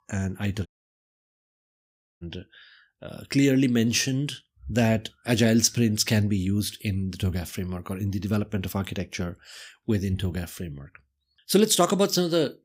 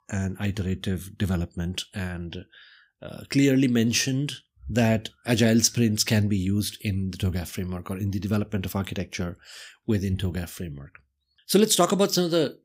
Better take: second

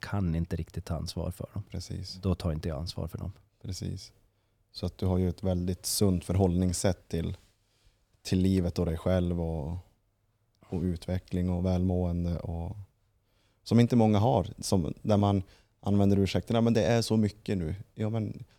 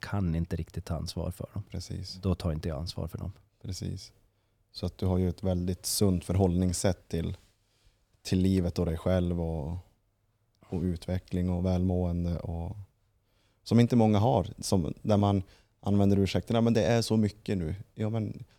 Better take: neither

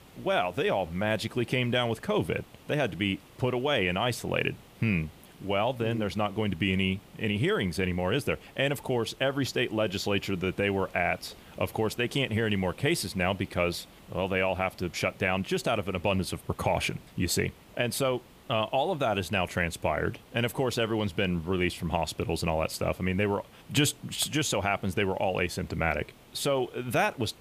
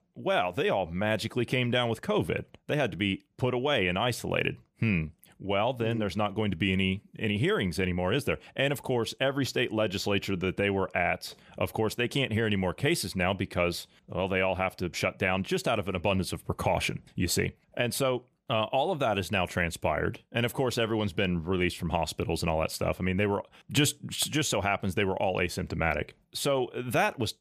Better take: second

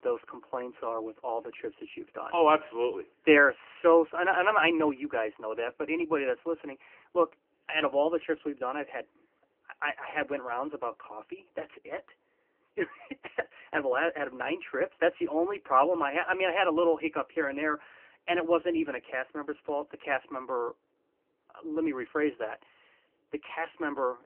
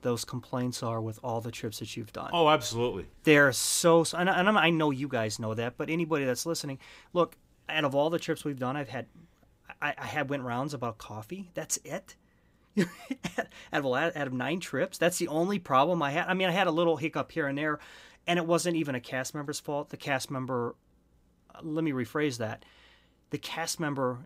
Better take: second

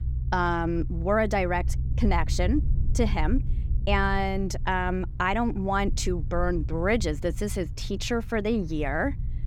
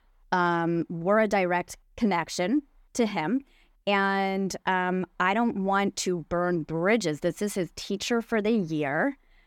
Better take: second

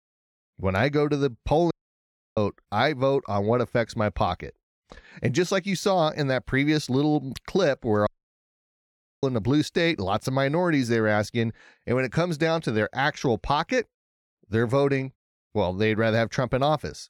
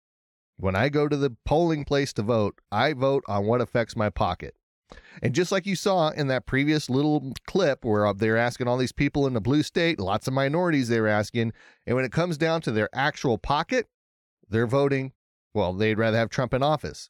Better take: second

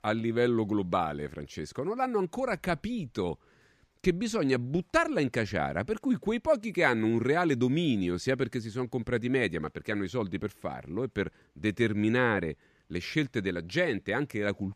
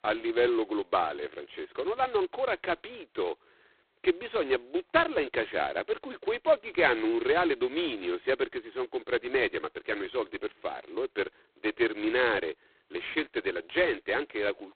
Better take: first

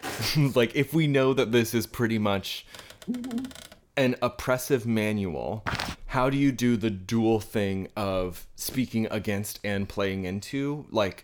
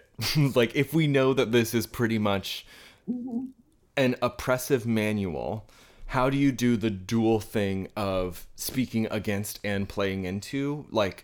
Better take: second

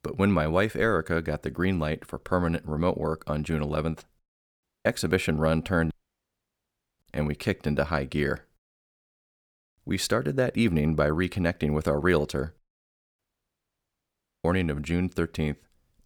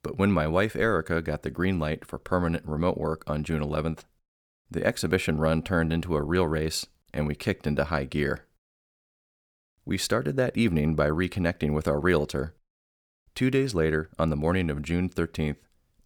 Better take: second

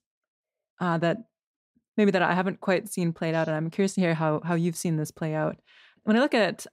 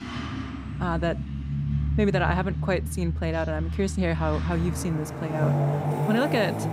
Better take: first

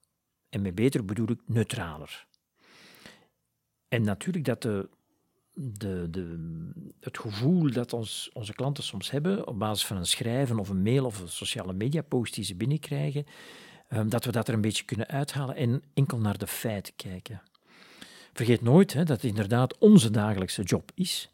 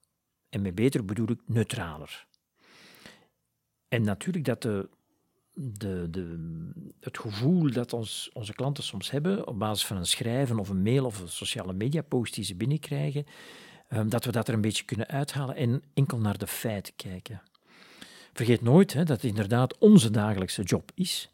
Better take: neither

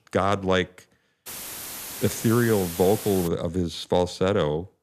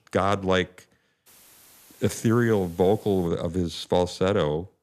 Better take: second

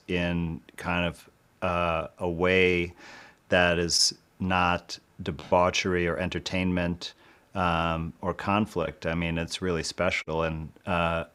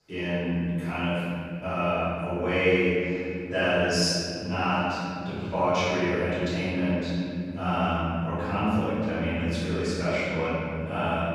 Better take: first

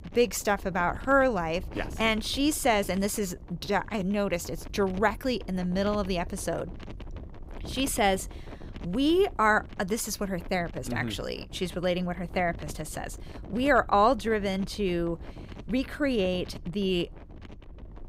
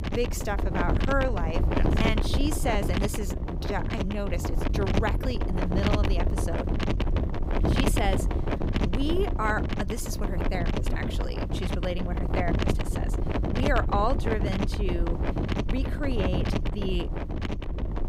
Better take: first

